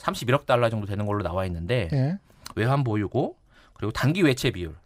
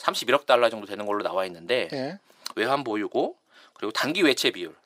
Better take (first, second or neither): first